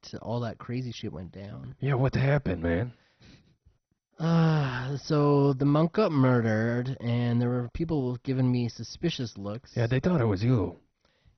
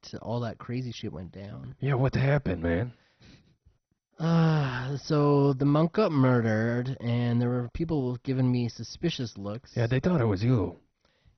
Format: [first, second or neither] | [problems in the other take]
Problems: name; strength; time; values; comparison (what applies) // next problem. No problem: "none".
neither | garbled, watery; badly; nothing above 6 kHz; the same in both